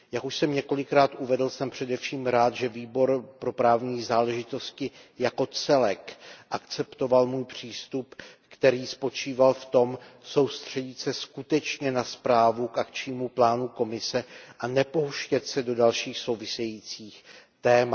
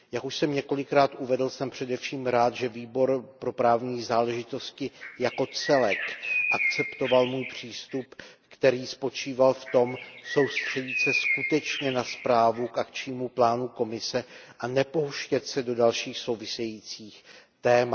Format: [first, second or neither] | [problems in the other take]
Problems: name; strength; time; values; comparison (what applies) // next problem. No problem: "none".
first | background sound (Bird); 5 dB below the speech